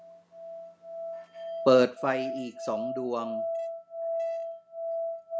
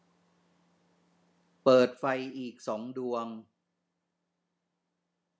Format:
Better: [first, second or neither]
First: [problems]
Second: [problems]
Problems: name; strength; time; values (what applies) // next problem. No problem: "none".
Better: second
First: background sound (Musical instrument); 4 dB below the speech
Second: none